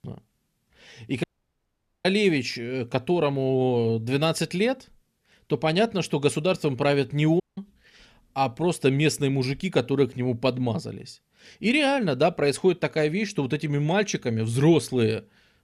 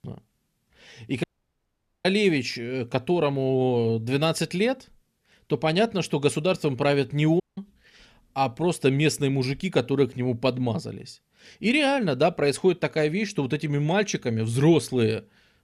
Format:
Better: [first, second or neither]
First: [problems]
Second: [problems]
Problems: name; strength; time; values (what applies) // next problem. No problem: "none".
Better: neither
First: audio cutting out; at 1 s for 1 s and at 7.5 s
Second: audio cutting out; at 1 s for 1 s and at 7.5 s